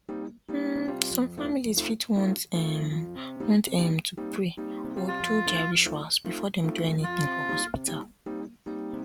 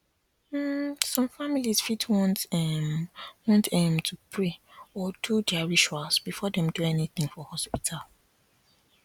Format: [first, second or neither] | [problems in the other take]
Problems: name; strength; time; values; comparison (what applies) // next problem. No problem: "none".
second | background sound (Piano + Wind instrument, woodwind instrument); 6 dB below the speech